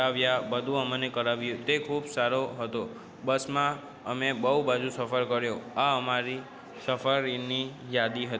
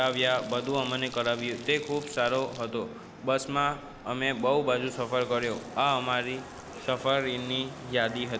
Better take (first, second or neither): first